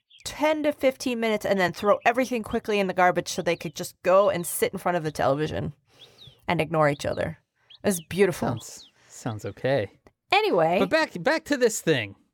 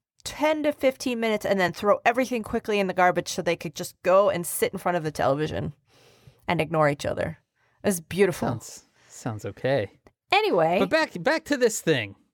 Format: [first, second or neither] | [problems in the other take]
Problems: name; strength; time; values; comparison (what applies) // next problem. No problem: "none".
second | animal sounds; faint; throughout; 30 dB below the speech